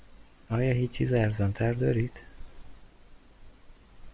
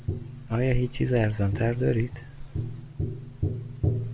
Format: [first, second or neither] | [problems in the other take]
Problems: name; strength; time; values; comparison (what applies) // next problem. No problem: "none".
first | background sound (Tap); 4 dB below the speech